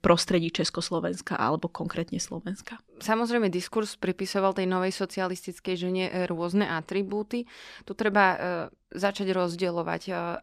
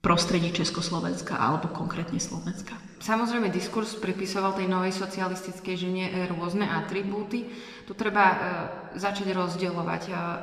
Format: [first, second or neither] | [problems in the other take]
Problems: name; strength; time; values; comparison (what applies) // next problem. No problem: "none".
first | room echo; slight; dies away in 1.9 s